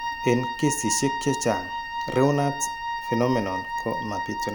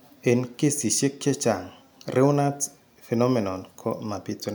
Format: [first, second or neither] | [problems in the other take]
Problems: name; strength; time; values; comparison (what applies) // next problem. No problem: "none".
second | background sound (Wind instrument, woodwind instrument); 4 dB below the speech